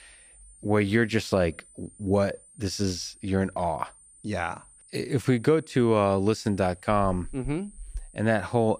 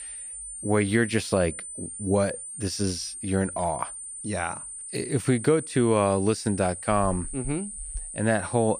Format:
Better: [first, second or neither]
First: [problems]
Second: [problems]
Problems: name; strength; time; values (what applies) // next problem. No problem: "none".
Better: first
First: high-pitched whine; faint; throughout; 9 kHz, 25 dB below the speech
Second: high-pitched whine; loud; throughout; 9 kHz, 9 dB below the speech